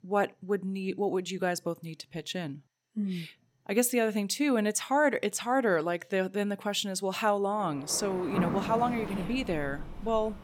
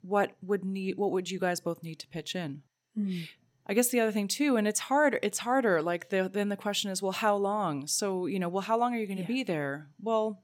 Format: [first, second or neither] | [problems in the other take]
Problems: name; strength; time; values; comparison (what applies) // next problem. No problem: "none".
second | rain or running water; loud; from 8 s on; 8 dB below the speech